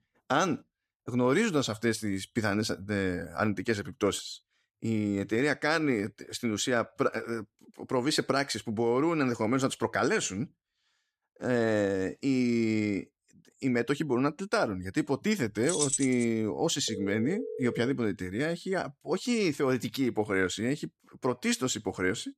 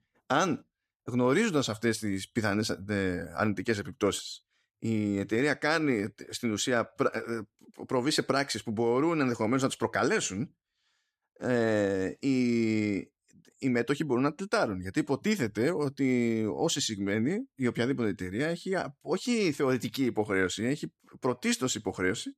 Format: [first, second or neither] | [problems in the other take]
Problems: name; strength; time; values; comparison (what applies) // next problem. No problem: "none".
second | jangling keys; loud; at 16 s; peak 1 dB above the speech // phone ringing; noticeable; from 17 to 18 s; peak 8 dB below the speech